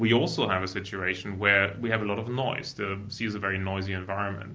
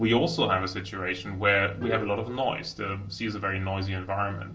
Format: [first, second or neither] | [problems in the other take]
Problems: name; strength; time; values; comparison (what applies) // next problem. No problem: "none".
first | background sound (Bowed string instrument); 15 dB below the speech // room echo; dies away in 0.2 s